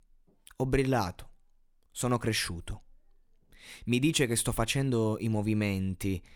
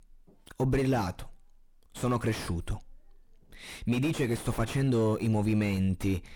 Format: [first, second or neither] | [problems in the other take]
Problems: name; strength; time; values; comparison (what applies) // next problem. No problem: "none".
first | distortion; heavy; 5 dB below the speech